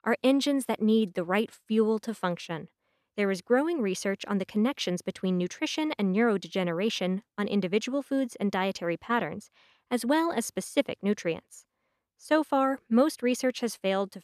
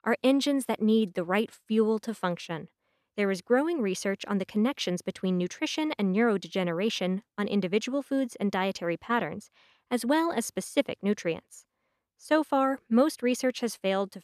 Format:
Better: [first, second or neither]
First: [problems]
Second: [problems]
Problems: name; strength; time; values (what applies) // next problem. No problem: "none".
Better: neither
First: none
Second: none